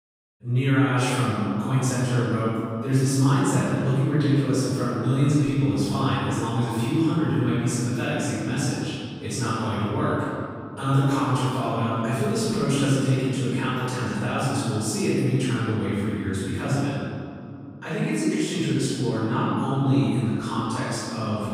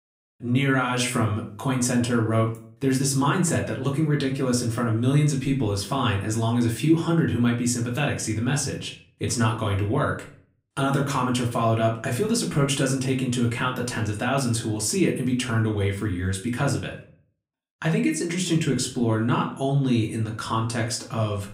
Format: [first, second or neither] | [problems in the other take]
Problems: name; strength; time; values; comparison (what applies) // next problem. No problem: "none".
second | room echo; strong; dies away in 2.7 s; slight in the second // off-mic speech; far; far in the second